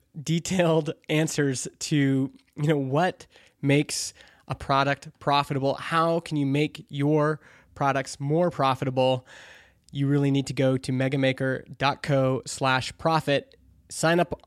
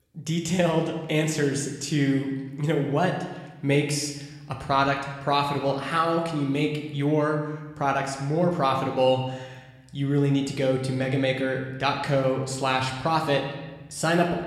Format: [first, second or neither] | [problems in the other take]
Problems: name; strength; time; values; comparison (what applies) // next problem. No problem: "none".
first | room echo; slight; dies away in 1 s